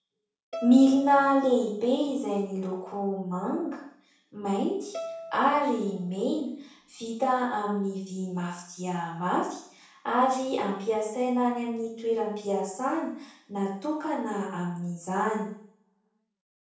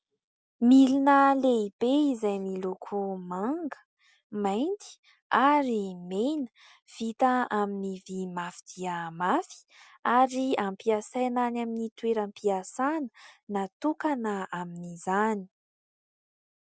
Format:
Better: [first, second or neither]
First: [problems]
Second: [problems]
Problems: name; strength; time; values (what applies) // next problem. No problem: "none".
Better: second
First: background sound (Bowed string instrument); 15 dB below the speech // room echo; dies away in 0.7 s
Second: none